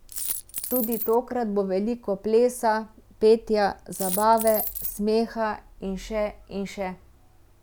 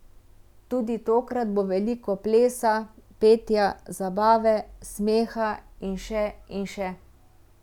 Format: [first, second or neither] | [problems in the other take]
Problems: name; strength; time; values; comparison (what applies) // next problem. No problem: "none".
second | background sound (Coin (dropping)); 6 dB below the speech